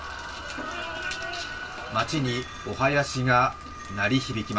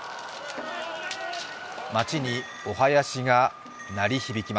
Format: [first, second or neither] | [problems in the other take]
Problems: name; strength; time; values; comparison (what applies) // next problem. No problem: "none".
second | background sound (Rain); 17 dB below the speech // room echo; dies away in 0.1 s